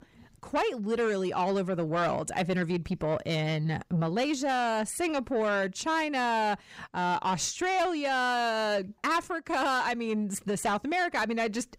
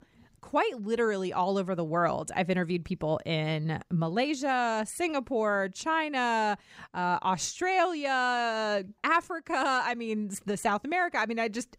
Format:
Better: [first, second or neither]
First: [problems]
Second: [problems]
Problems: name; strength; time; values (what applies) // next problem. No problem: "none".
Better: second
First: distortion; slight; 10 dB below the speech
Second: none